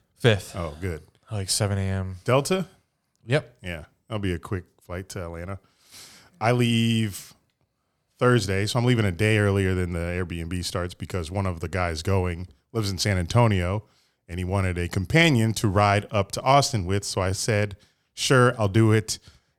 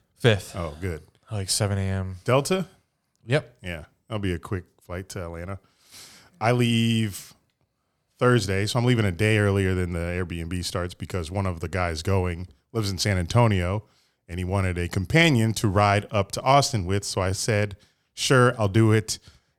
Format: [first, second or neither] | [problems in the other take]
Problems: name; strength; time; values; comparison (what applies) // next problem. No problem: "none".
neither | none